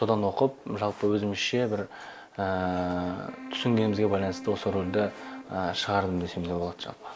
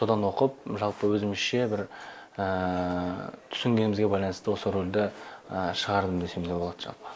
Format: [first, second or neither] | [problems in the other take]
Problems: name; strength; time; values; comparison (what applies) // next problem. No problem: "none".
second | background sound (Keyboard (musical)); 16 dB below the speech